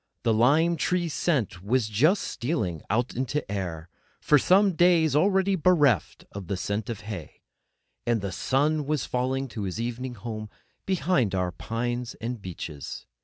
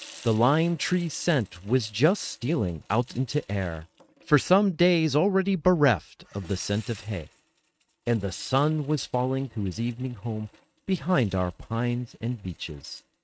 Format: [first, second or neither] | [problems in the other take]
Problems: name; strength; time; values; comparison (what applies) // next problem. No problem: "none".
first | noise reduction (neural mask model RNNoise)